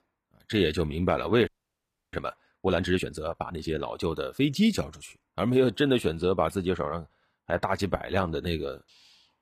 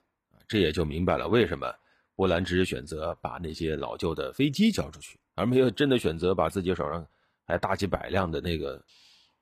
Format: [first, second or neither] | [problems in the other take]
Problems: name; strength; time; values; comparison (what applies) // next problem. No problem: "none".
second | audio freezing; at 1.5 s for 0.5 s